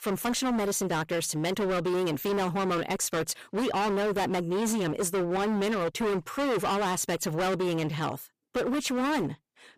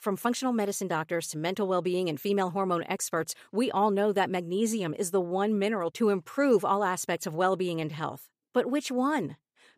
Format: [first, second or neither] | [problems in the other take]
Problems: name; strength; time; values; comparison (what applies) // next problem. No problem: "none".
second | distortion; heavy; 31% of the sound clipped